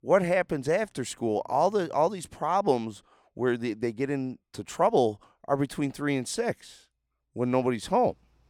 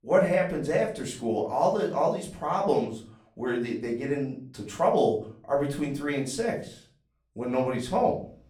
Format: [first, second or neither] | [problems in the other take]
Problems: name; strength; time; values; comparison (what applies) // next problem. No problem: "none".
first | room echo; slight; dies away in 0.4 s // off-mic speech; far